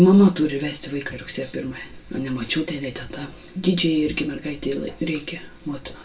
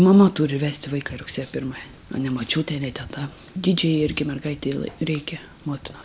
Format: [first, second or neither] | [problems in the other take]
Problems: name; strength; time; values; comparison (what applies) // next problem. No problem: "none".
second | room echo; dies away in 0.2 s